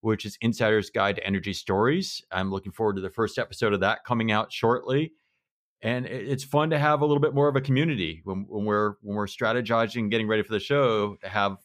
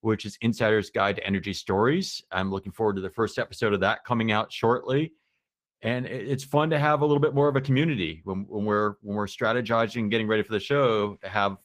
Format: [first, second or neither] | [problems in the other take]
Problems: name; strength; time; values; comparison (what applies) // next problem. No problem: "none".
first | garbled, watery; slightly; nothing above 15 kHz